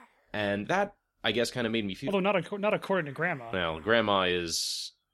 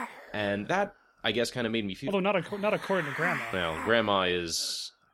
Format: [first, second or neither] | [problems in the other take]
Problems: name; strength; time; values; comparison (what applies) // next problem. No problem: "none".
first | hiss; loud; throughout; 9 dB below the speech; faint in the first